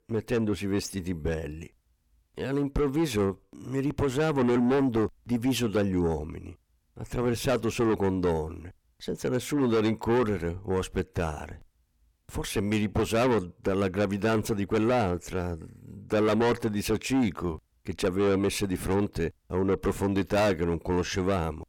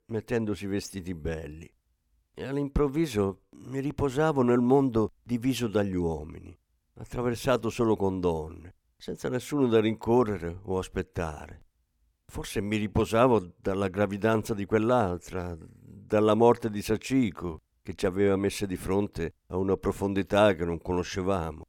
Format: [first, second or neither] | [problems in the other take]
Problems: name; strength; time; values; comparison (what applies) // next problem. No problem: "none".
second | distortion; heavy; 8 dB below the speech